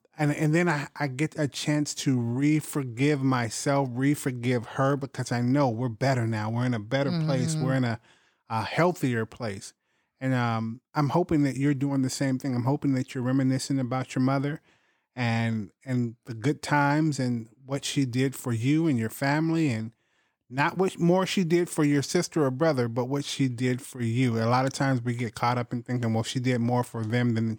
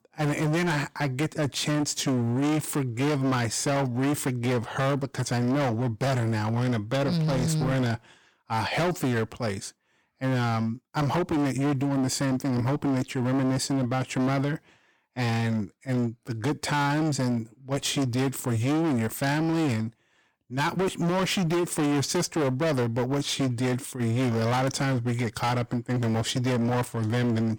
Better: first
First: none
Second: distortion; heavy; 26% of the sound clipped

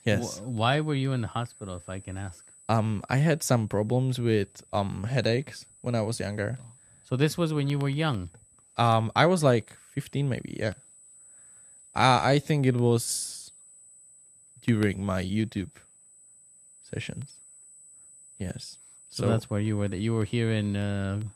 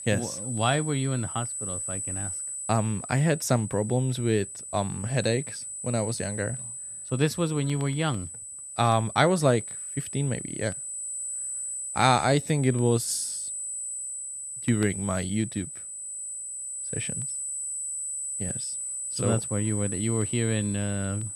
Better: first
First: high-pitched whine; faint; throughout; 8 kHz, 25 dB below the speech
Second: high-pitched whine; loud; throughout; 8 kHz, 5 dB below the speech

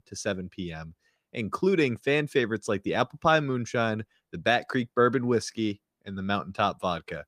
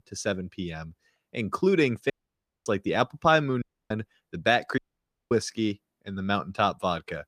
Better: first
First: none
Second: audio cutting out; at 2 s for 0.5 s, at 3.5 s and at 5 s for 0.5 s

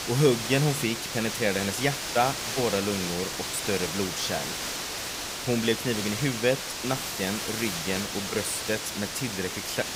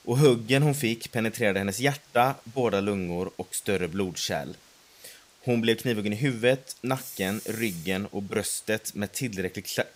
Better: second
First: hiss; loud; throughout; 2 dB below the speech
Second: hiss; faint; throughout; 30 dB below the speech

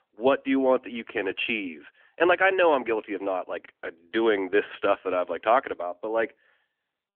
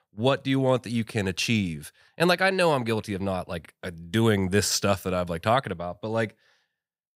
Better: second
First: phone-call audio; nothing above 3.5 kHz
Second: none

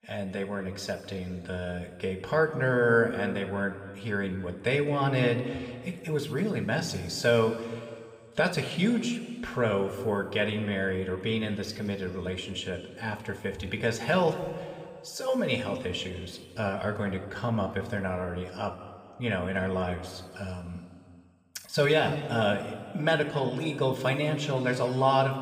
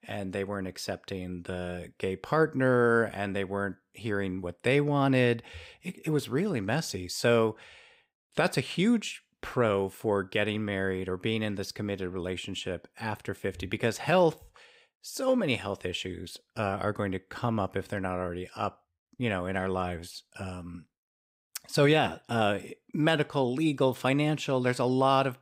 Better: second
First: room echo; noticeable; dies away in 1.8 s // off-mic speech; somewhat distant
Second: none

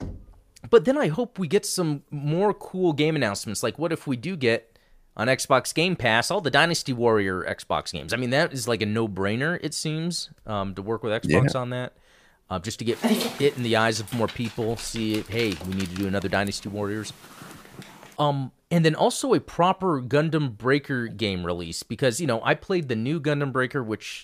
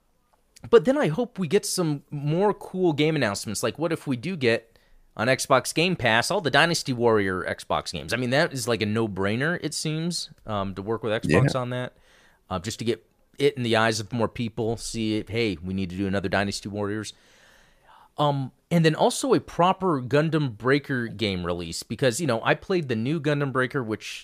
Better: second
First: door banging; faint; at the start; peak 15 dB below the speech // dog barking; loud; from 13 to 18 s; peak 1 dB above the speech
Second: none

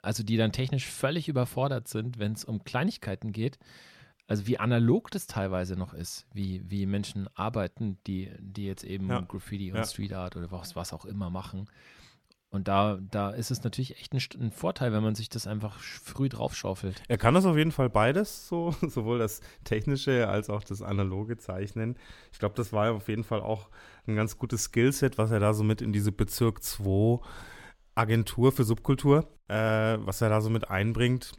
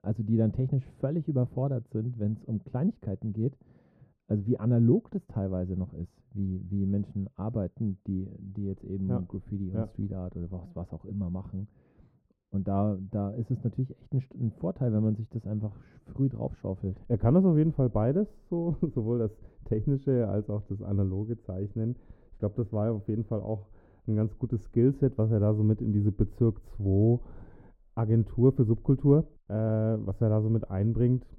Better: first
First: none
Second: muffled; very; fading above 1.5 kHz

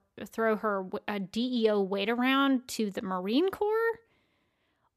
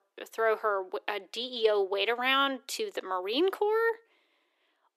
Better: first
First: none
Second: thin; somewhat; fading below 350 Hz

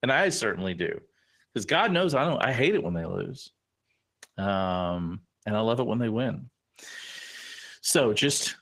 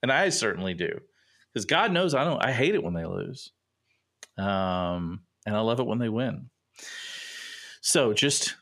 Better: second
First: garbled, watery; slightly; nothing above 15.5 kHz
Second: none

